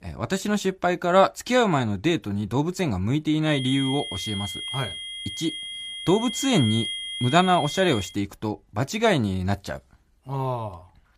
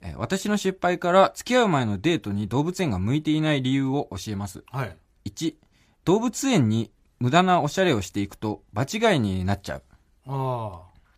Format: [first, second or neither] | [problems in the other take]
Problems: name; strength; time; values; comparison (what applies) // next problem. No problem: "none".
second | high-pitched whine; loud; from 3.5 to 8 s; 3.5 kHz, 6 dB below the speech